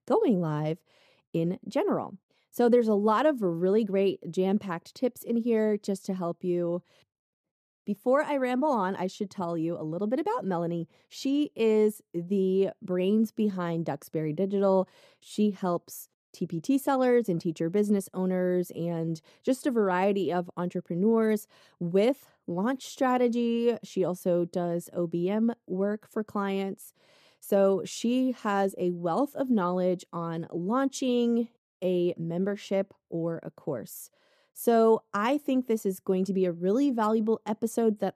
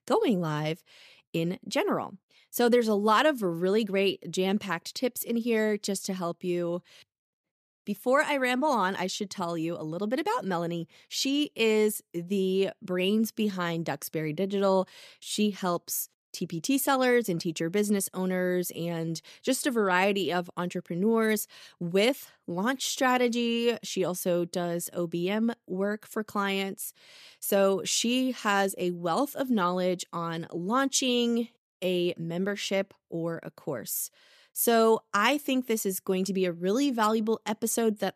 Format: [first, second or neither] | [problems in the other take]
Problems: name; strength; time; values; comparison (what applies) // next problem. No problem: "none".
second | muffled; slightly; fading above 1.5 kHz